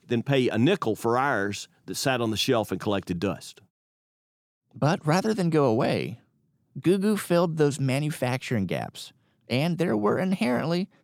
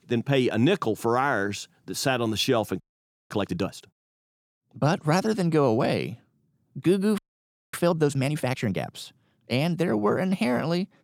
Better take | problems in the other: first | audio freezing; at 3 s for 0.5 s and at 7 s for 0.5 s

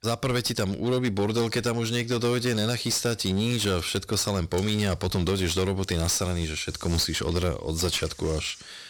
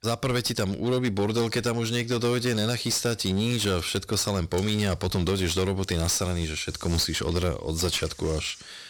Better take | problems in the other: neither | distortion; slight; 17% of the sound clipped; the same in both

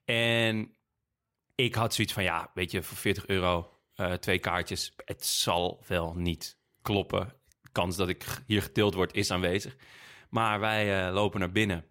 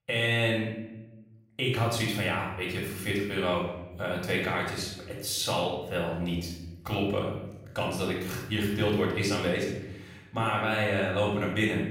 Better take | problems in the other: first | off-mic speech; far // room echo; noticeable; dies away in 0.9 s

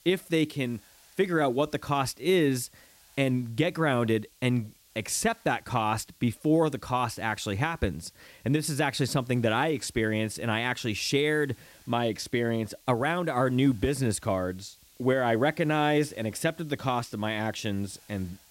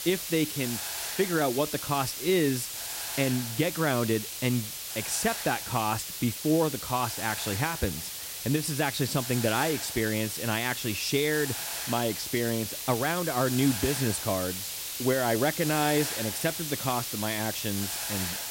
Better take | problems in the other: first | hiss; loud; throughout; 4 dB below the speech; faint in the first

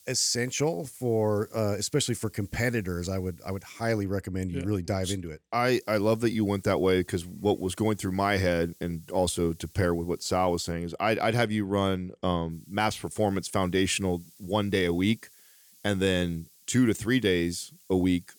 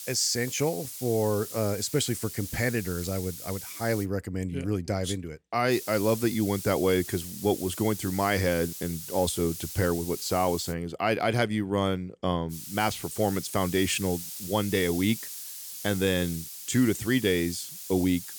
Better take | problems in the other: first | hiss; loud; until 4 s, from 5.5 to 11 s and from 13 s on; 9 dB below the speech; faint in the first

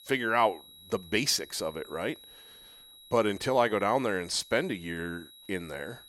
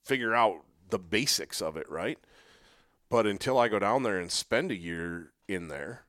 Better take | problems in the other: second | high-pitched whine; faint; throughout; 4 kHz, 20 dB below the speech

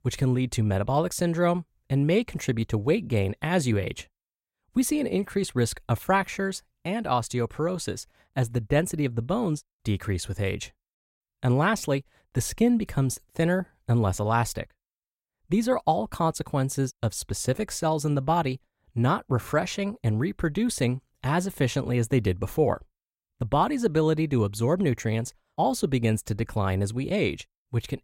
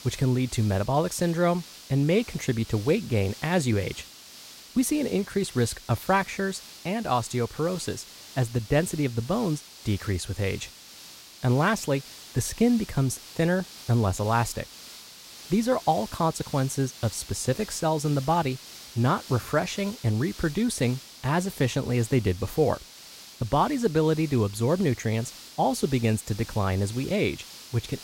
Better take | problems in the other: first | hiss; noticeable; throughout; 15 dB below the speech

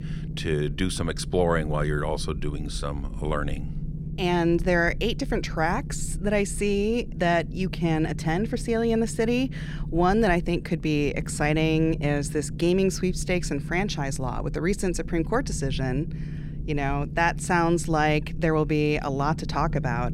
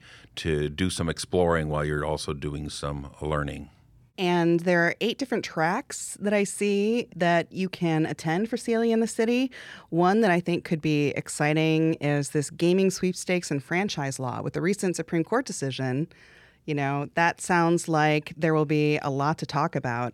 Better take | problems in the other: second | low rumble; noticeable; throughout; 20 dB below the speech

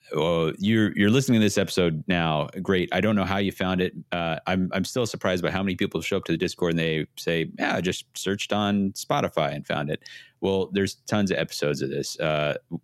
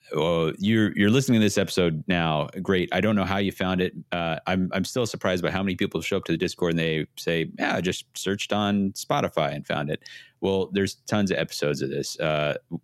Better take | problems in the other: neither | none

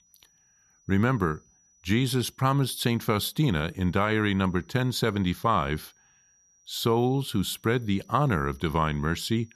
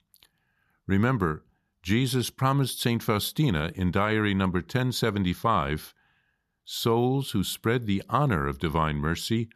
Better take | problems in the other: second | high-pitched whine; faint; throughout; 6 kHz, 35 dB below the speech

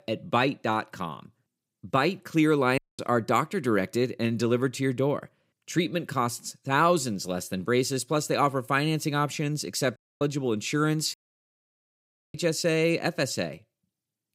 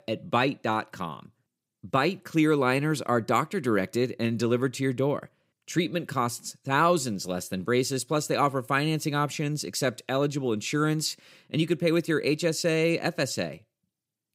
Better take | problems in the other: second | audio cutting out; at 3 s, at 10 s and at 11 s for 1 s

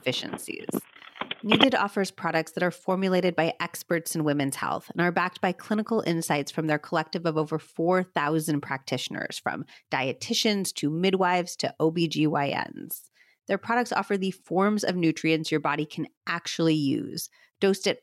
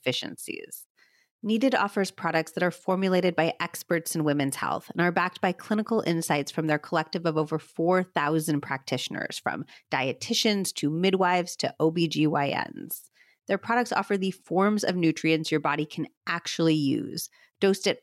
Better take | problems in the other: second | phone ringing; loud; until 1.5 s; peak 5 dB above the speech

